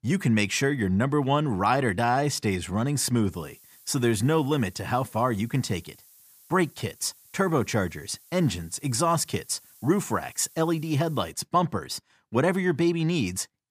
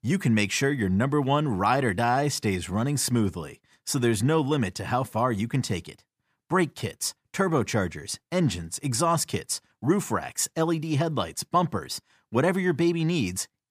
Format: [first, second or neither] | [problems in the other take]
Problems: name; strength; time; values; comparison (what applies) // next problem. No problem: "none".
second | hiss; faint; from 3.5 to 11 s; 25 dB below the speech